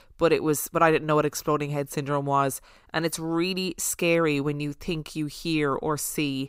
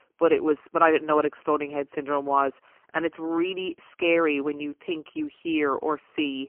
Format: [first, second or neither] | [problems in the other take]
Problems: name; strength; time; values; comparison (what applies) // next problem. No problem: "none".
first | phone-call audio; poor line; nothing above 3 kHz